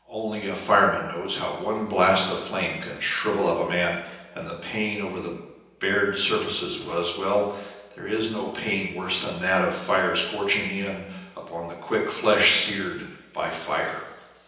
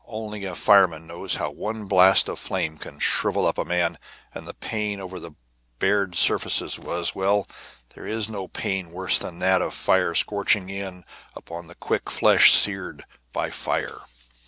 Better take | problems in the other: second | room echo; dies away in 0.9 s

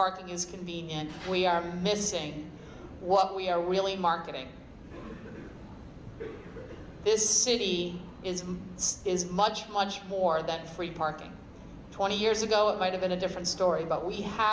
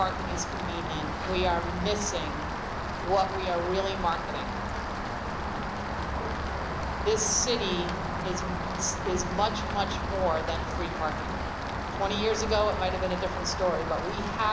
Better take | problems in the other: first | background sound (Rain); 1 dB below the speech

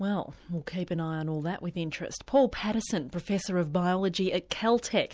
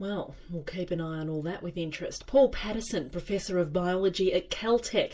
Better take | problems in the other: first | room echo; dies away in 0.2 s

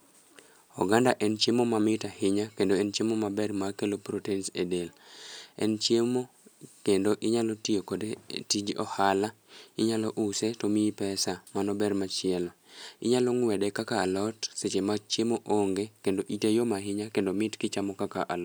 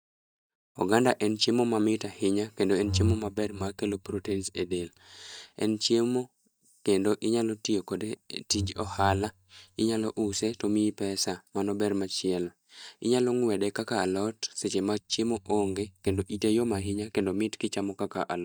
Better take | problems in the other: first | noise reduction (neural mask model DeepFilterNet 3)

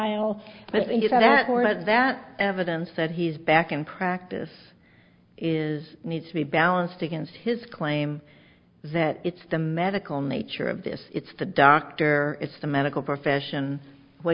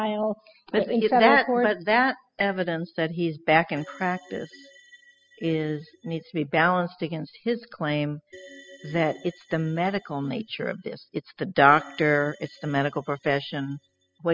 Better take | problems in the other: first | noise reduction (classical method spectral subtraction)

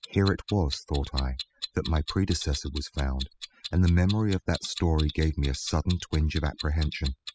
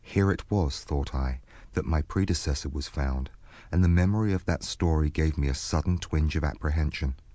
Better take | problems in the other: second | noise reduction (classical method spectral subtraction)

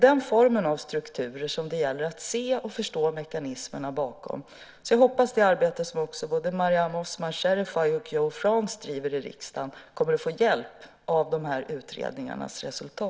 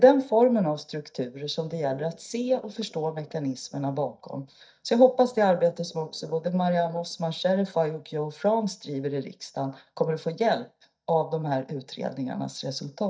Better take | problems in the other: first | noise reduction (neural mask model DeepFilterNet 3)

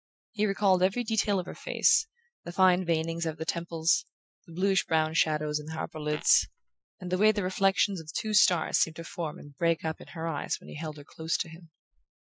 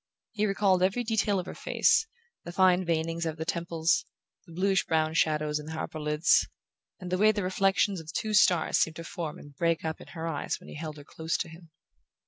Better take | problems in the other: second | noise reduction (classical method Wiener filter)

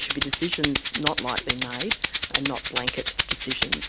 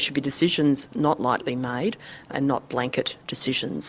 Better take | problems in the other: second | background sound (Rattle (instrument) + Chime); 3 dB above the speech

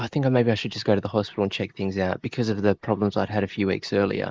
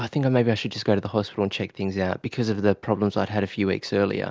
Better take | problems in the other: second | noise reduction (neural mask model Resemble Enhance denoiser)

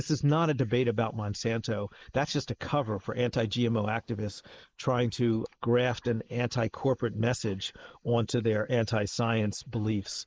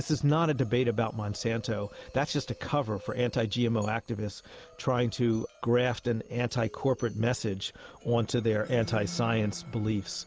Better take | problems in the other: second | noise reduction (neural mask model Resemble Enhance denoiser)

